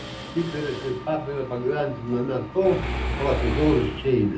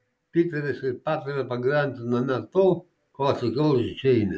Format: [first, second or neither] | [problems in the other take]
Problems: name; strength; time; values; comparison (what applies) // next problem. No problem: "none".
second | background sound (Mechanisms); 7 dB below the speech // room echo; dies away in 0.3 s